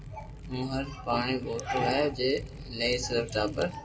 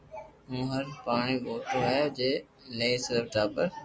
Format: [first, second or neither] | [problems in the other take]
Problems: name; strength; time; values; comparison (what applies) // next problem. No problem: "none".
second | background sound (Liquid); 11 dB below the speech // room echo; dies away in 1 s